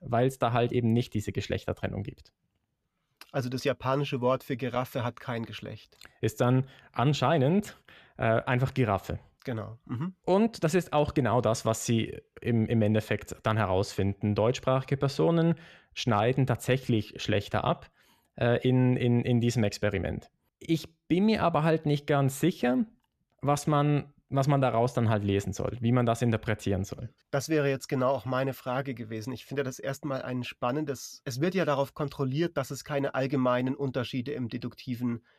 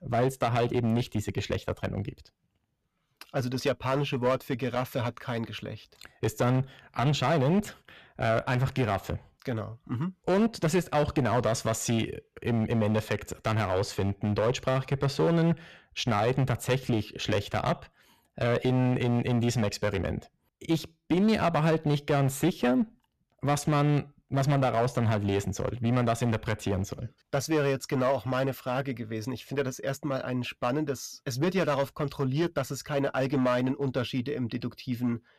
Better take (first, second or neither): first